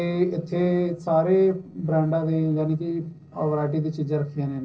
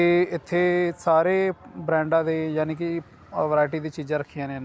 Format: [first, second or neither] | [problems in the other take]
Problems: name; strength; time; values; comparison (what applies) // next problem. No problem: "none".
second | noise reduction (neural separator model SepFormer DNS4)